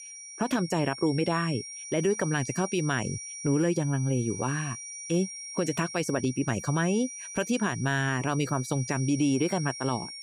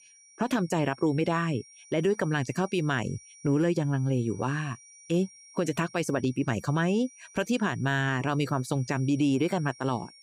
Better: second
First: high-pitched whine; loud; throughout; 5.5 kHz, 10 dB below the speech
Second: high-pitched whine; faint; throughout; 5.5 kHz, 20 dB below the speech

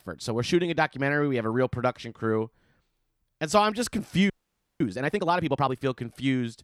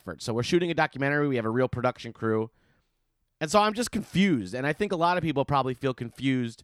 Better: second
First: audio freezing; at 4.5 s for 0.5 s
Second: none

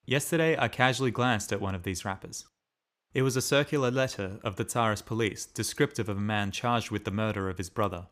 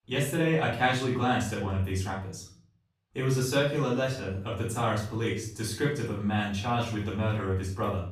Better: first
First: none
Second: off-mic speech; far // room echo; noticeable; dies away in 0.5 s

